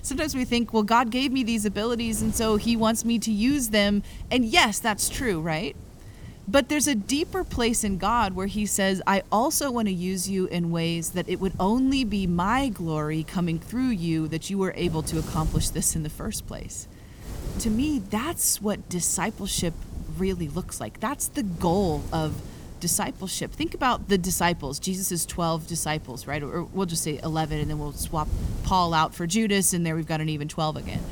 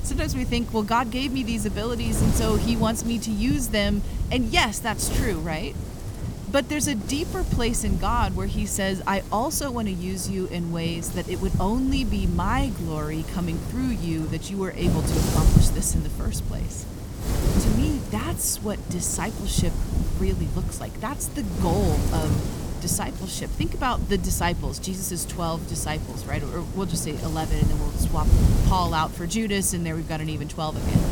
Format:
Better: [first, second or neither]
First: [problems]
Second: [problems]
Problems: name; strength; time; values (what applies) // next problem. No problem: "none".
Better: first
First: wind noise on the microphone; occasional gusts; 20 dB below the speech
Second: wind noise on the microphone; heavy; 9 dB below the speech